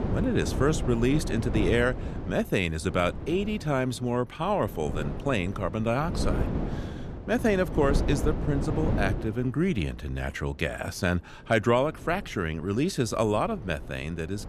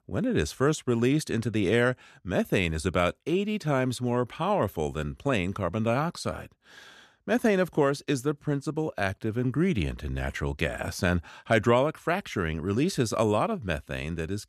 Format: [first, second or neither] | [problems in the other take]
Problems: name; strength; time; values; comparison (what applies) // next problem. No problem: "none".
second | wind noise on the microphone; occasional gusts; 10 dB below the speech